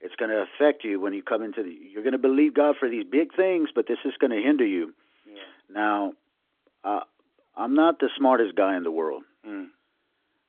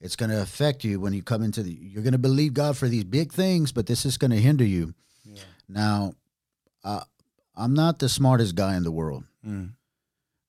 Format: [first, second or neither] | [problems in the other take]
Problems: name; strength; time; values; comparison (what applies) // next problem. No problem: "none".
second | phone-call audio; nothing above 3.5 kHz